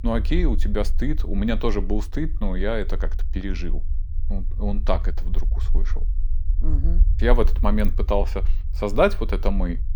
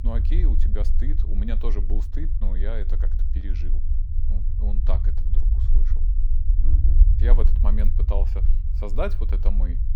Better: first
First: low rumble; faint; throughout; 20 dB below the speech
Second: low rumble; loud; throughout; 8 dB below the speech

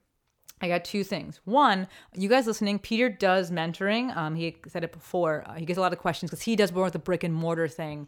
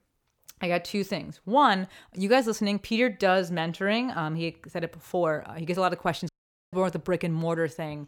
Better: first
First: none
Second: audio cutting out; at 6.5 s

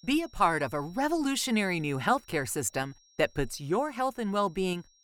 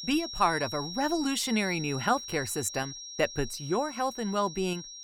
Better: first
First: high-pitched whine; faint; throughout; 5.5 kHz, 30 dB below the speech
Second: high-pitched whine; loud; throughout; 5.5 kHz, 9 dB below the speech

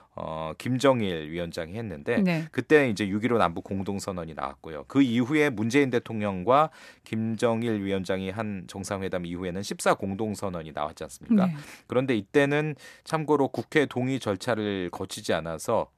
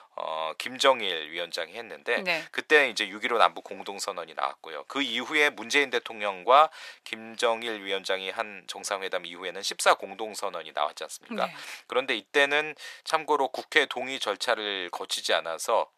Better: first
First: none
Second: thin; very; fading below 700 Hz

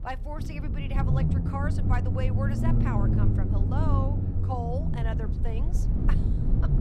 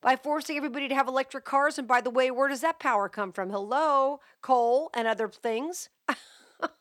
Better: second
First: low rumble; loud; throughout; 1 dB below the speech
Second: none

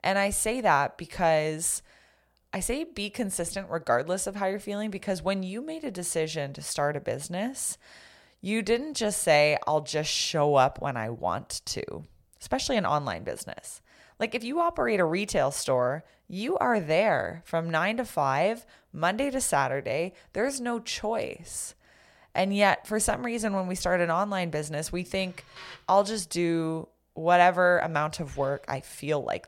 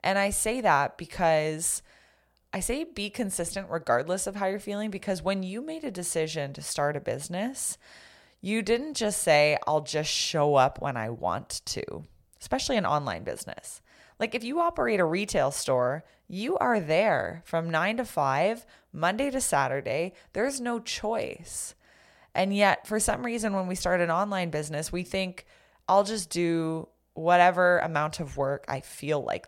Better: second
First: machinery noise; faint; from 19 s on; 25 dB below the speech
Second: none

